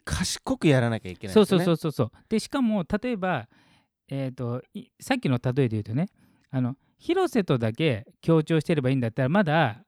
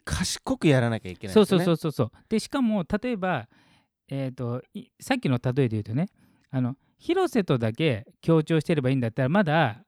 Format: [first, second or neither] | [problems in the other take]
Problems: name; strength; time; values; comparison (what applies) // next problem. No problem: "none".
neither | none